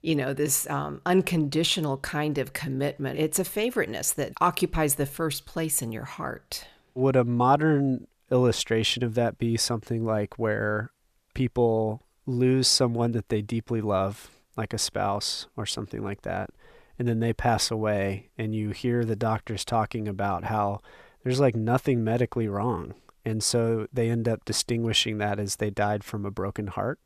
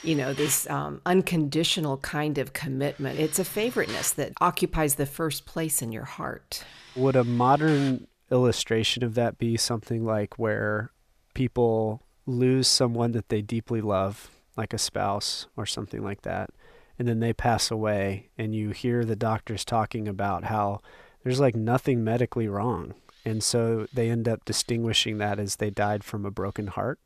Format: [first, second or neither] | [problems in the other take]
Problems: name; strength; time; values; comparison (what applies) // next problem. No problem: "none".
first | machinery noise; noticeable; throughout; 15 dB below the speech